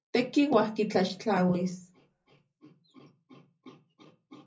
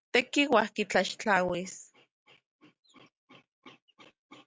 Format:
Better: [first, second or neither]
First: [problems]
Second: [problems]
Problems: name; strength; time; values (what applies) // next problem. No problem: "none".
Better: second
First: room echo; dies away in 0.4 s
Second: none